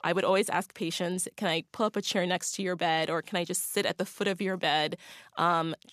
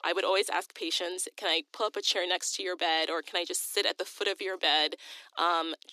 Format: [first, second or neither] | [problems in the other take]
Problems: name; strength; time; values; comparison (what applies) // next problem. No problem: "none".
first | thin; very; fading below 300 Hz